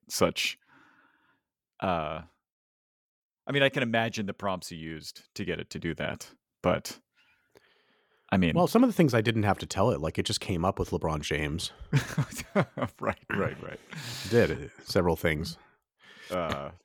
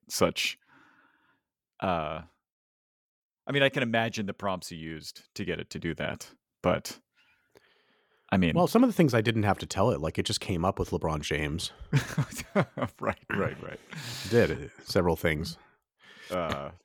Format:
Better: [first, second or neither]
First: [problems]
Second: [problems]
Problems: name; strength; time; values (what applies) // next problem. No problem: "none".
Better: neither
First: none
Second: none